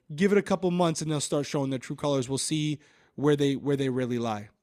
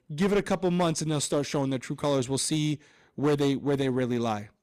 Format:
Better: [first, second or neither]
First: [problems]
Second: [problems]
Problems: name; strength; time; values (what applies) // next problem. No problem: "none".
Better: first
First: none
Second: distortion; slight; 9% of the sound clipped